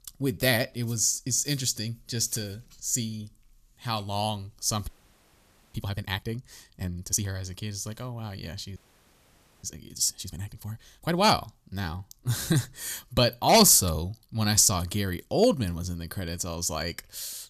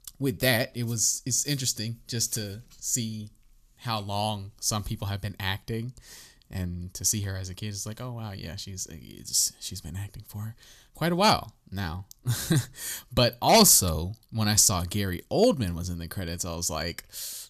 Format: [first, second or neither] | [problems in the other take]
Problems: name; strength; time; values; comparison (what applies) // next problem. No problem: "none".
second | audio freezing; at 5 s for 1 s and at 9 s for 1 s